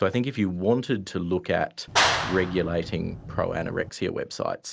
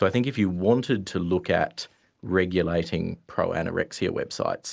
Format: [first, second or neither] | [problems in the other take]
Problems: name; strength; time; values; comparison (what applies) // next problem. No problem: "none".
second | background sound (Clapping); 1 dB below the speech